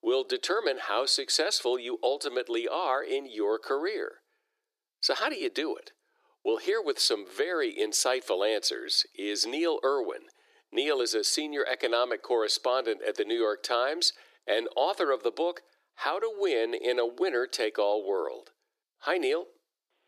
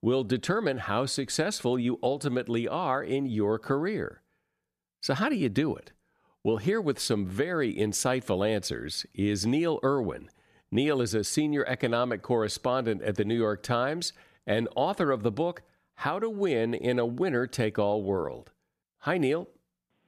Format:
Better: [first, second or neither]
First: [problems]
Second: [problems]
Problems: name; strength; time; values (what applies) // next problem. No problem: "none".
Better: second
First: thin; very; fading below 350 Hz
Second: none